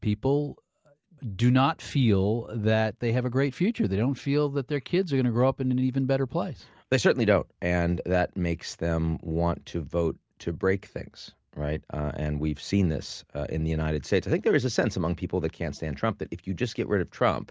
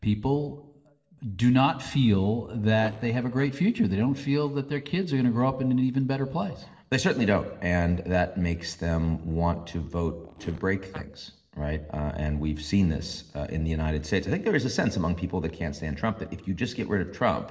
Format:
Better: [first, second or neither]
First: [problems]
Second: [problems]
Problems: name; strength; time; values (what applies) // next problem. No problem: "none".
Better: first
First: none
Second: noise reduction (neural separator model SepFormer DNS4)